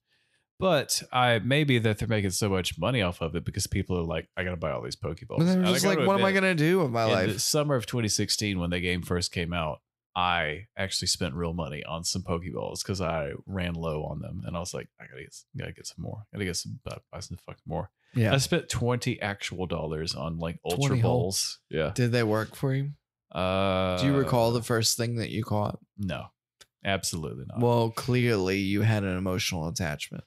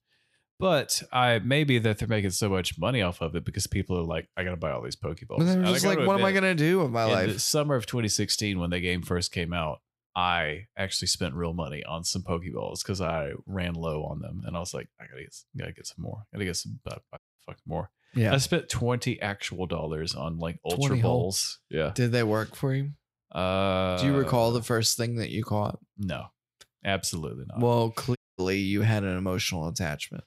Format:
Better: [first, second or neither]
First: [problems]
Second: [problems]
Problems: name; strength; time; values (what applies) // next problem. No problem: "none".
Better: first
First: none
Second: audio cutting out; at 17 s and at 28 s